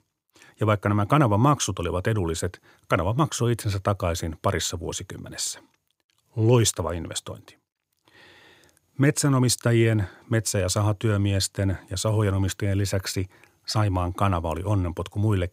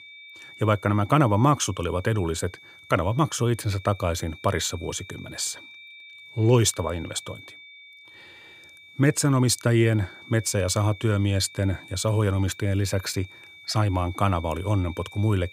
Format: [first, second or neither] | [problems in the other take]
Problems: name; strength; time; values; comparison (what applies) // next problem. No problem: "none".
first | high-pitched whine; noticeable; throughout; 2.5 kHz, 20 dB below the speech